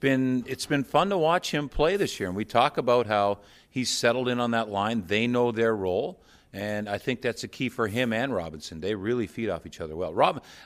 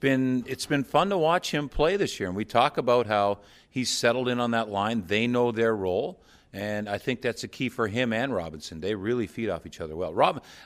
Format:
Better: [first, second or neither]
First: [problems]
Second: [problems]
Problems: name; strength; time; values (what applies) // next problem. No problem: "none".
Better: second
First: hiss; very faint; throughout; 30 dB below the speech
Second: none